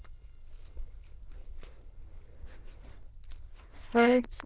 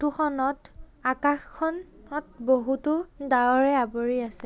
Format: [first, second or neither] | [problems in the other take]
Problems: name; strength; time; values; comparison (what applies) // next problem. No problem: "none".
second | noise reduction (neural diffusion model UNIVERSE++)